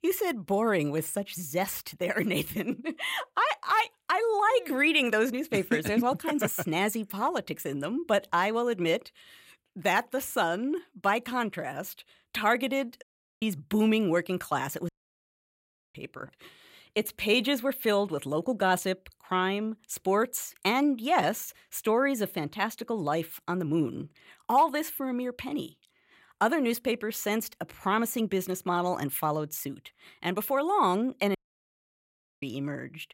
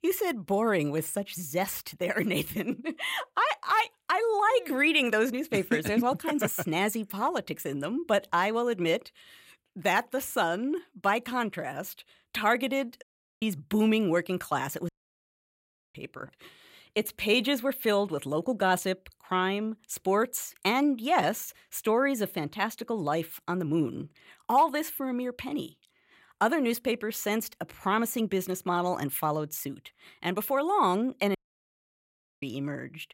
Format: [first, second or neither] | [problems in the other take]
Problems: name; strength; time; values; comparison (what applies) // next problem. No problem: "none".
neither | audio cutting out; at 13 s, at 15 s for 1 s and at 31 s for 1 s; the same in both